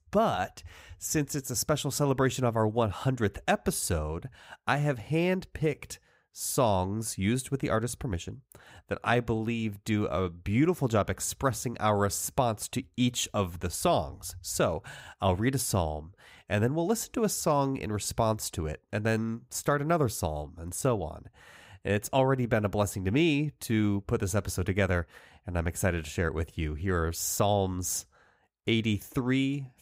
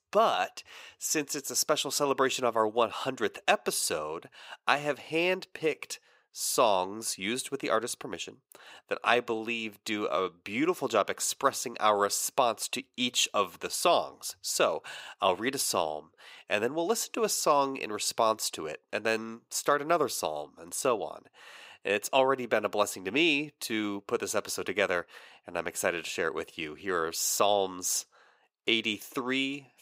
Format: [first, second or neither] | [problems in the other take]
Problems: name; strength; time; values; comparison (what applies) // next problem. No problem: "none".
first | thin; somewhat; fading below 400 Hz